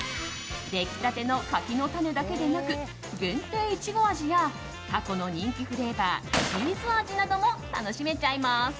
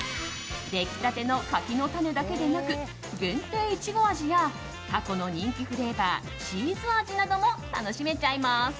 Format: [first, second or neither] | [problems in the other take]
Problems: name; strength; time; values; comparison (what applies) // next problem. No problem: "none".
second | background sound (Gunshot, gunfire); 7 dB below the speech